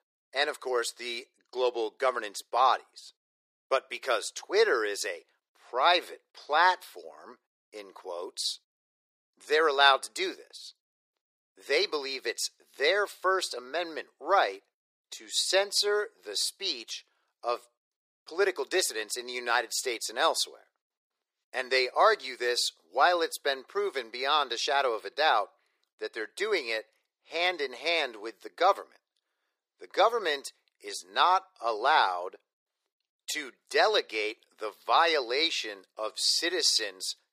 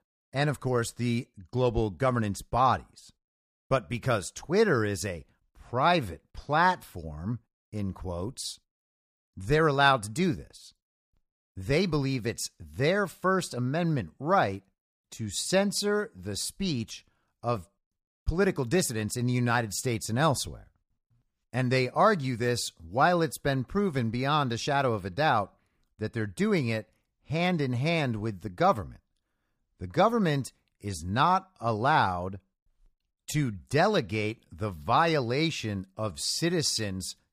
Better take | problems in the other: second | thin; very; fading below 400 Hz

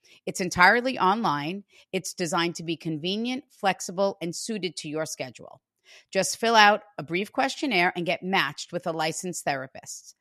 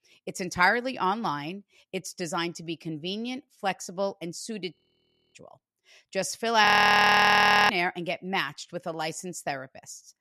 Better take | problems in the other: first | audio freezing; at 5 s for 0.5 s and at 6.5 s for 1 s

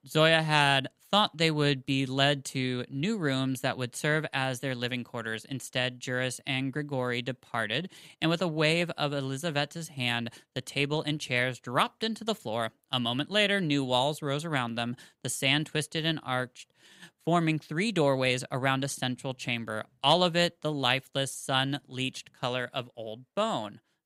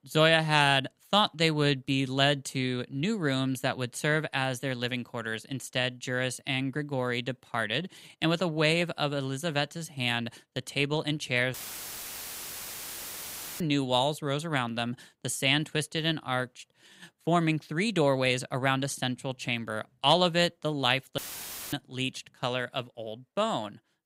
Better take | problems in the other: first | audio cutting out; filled with static; at 12 s for 2 s and at 21 s for 0.5 s

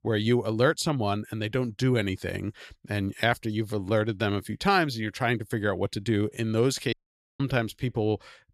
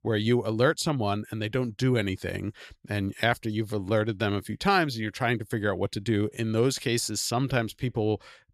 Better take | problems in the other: second | audio cutting out; at 7 s

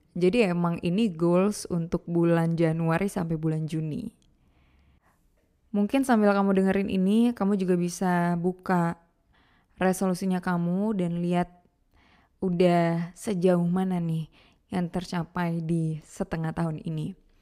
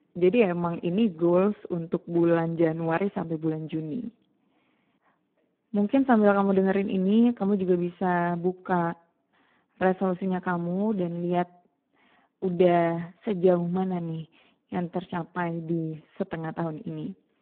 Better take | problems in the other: first | phone-call audio; poor line

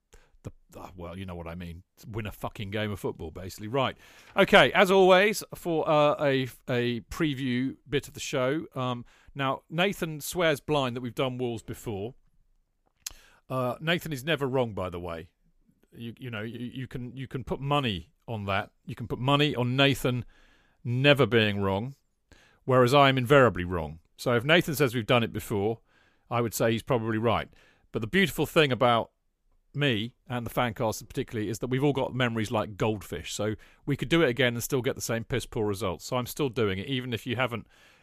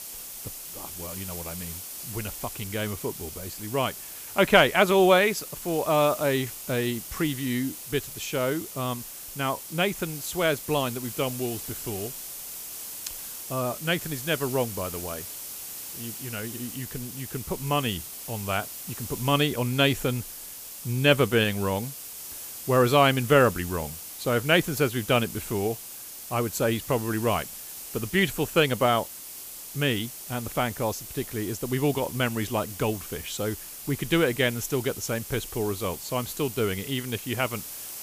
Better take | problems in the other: first | hiss; noticeable; throughout; 10 dB below the speech

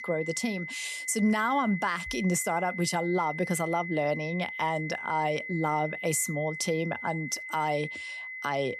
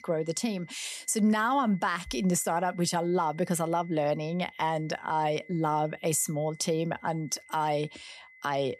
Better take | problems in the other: second | high-pitched whine; loud; throughout; 2 kHz, 7 dB below the speech; faint in the second

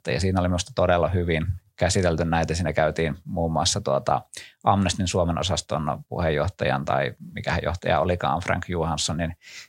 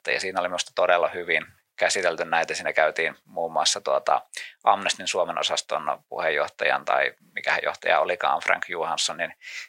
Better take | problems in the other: first | thin; very; fading below 600 Hz

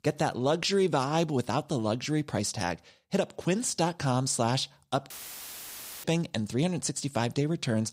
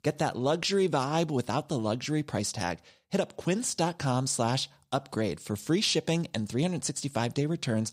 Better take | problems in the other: second | audio cutting out; filled with static; at 5 s for 1 s

